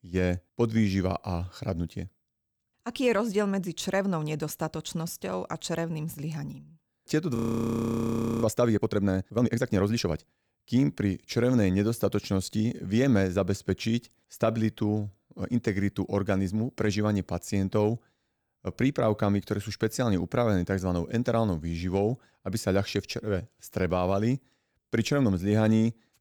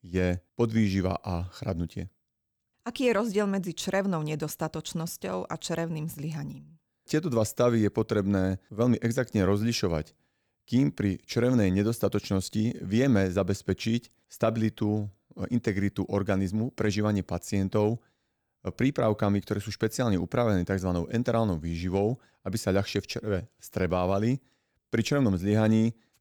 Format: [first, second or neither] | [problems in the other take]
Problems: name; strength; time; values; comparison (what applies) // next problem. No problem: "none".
second | audio freezing; at 7.5 s for 1 s